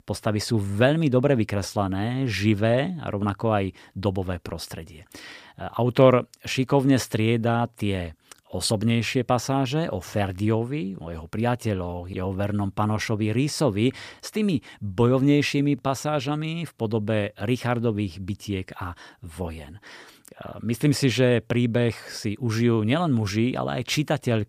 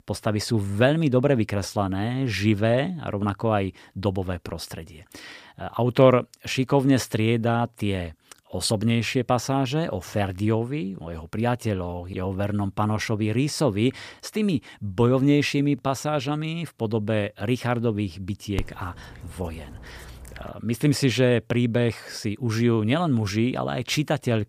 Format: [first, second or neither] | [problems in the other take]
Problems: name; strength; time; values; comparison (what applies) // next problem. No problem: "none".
first | dog barking; faint; from 19 to 20 s; peak 10 dB below the speech